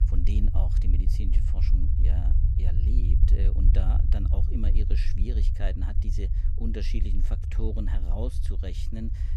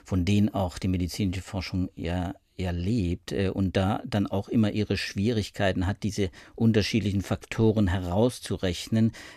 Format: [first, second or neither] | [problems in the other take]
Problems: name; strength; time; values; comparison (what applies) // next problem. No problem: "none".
second | low rumble; loud; throughout; 3 dB below the speech